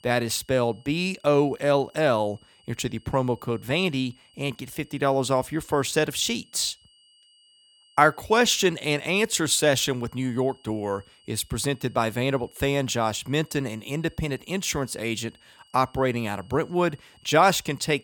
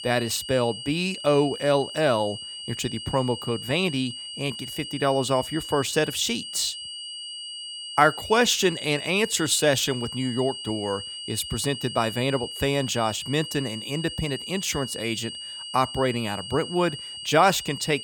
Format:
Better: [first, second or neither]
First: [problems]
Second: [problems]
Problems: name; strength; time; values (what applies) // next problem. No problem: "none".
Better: first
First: high-pitched whine; faint; throughout; 3 kHz, 30 dB below the speech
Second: high-pitched whine; loud; throughout; 3 kHz, 9 dB below the speech